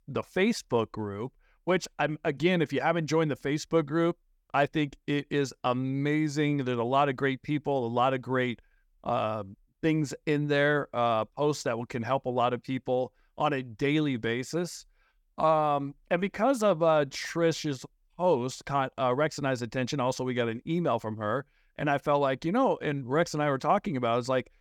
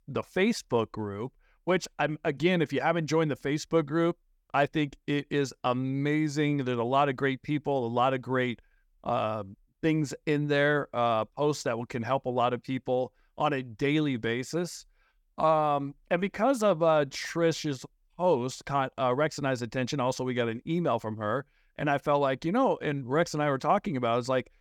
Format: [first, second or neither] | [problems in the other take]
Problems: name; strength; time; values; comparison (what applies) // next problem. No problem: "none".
neither | none